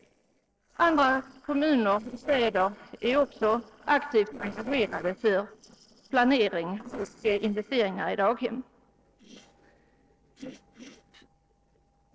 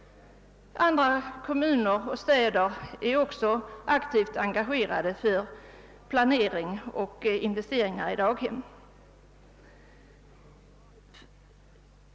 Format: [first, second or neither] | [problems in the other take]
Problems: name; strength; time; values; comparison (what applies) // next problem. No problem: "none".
second | noise reduction (neural separator model SepFormer DNS4)